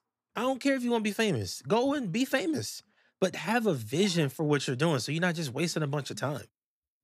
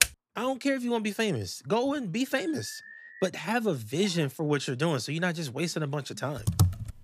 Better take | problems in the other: first | keyboard typing; very faint; at the start; peak 5 dB above the speech // alarm; faint; at 2.5 s; peak 15 dB below the speech // keyboard typing; loud; at 6.5 s; peak 3 dB above the speech

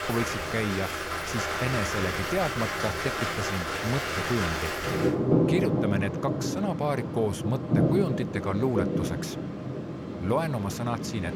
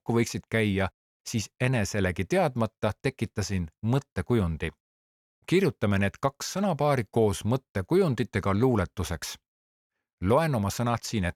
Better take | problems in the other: second | rain or running water; very loud; throughout; 2 dB above the speech

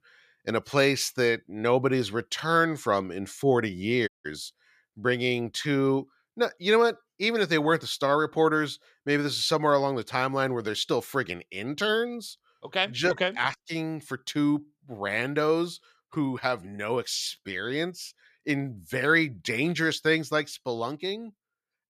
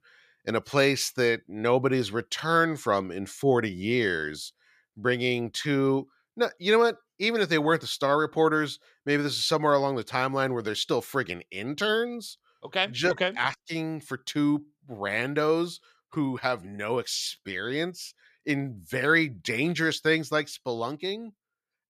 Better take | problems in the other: second | audio cutting out; at 4 s

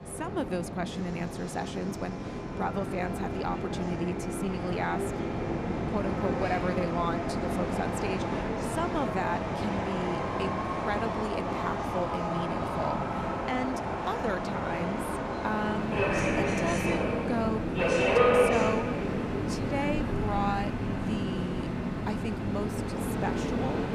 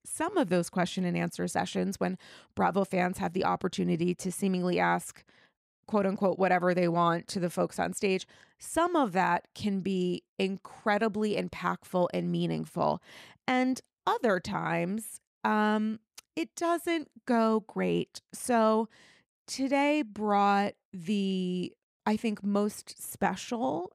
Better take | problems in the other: second | train or aircraft noise; very loud; throughout; 4 dB above the speech

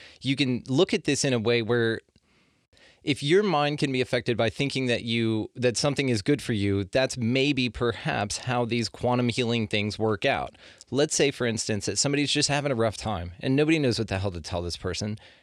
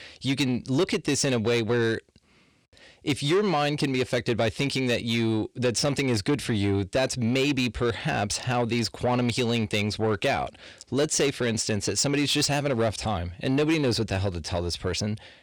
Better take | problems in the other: first | distortion; slight; 10 dB below the speech

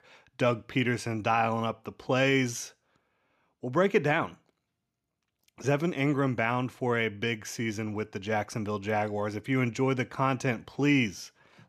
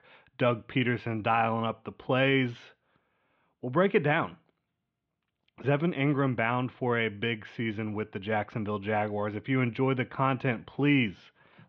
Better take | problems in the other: first | muffled; very; fading above 3.5 kHz

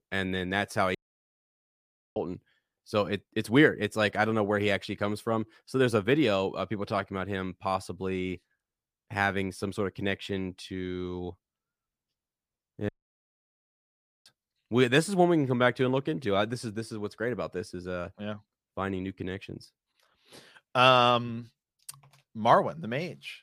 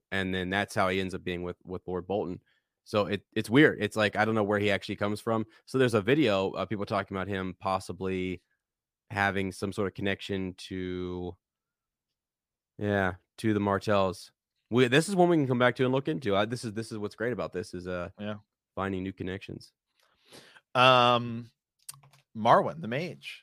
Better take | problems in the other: second | audio cutting out; at 1 s for 1 s and at 13 s for 1.5 s

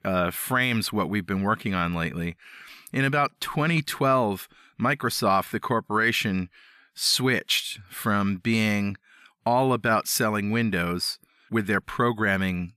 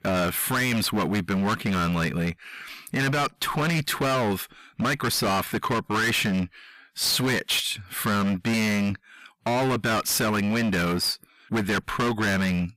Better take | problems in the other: first | distortion; heavy; 28% of the sound clipped

